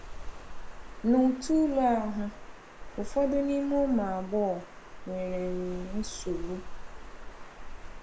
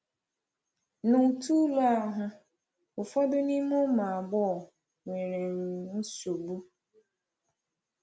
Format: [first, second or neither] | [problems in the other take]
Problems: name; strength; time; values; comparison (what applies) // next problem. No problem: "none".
second | background sound (Water); 8 dB below the speech